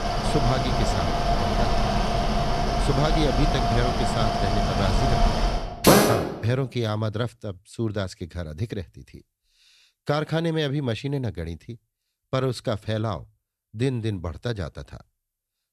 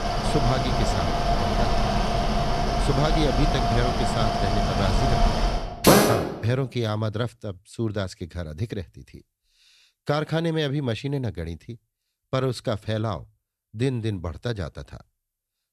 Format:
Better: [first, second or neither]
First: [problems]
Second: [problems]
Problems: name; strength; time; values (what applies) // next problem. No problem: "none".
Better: neither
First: machinery noise; very loud; until 6 s; 5 dB above the speech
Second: machinery noise; very loud; until 6 s; 5 dB above the speech